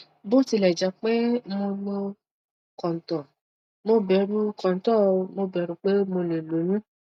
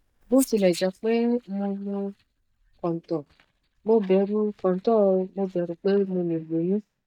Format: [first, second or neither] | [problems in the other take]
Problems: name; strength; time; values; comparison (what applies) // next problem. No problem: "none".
first | noise reduction (neural mask model DeepFilterNet 3)